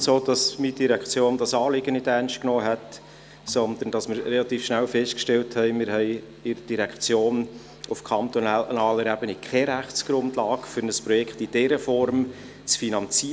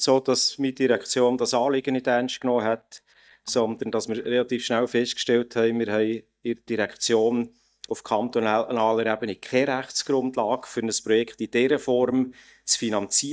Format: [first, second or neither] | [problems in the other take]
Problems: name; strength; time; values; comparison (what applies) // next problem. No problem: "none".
first | noise reduction (neural mask model DeepFilterNet 3)